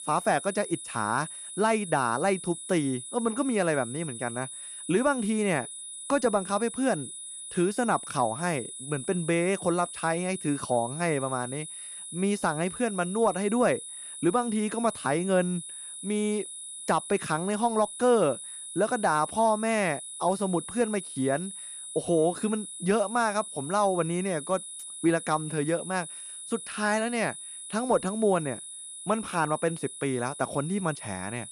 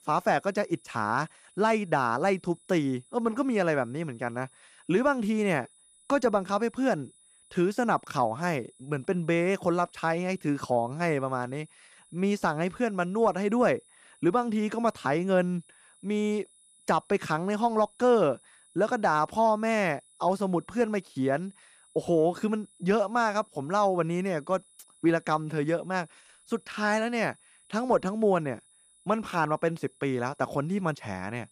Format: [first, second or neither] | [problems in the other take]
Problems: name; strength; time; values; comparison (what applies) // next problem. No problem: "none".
second | high-pitched whine; loud; throughout; 10 kHz, 9 dB below the speech; faint in the second